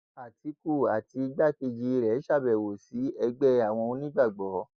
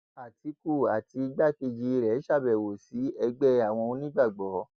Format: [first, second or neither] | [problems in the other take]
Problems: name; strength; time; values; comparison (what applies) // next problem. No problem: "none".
second | noise reduction (neural mask model Resemble Enhance denoiser)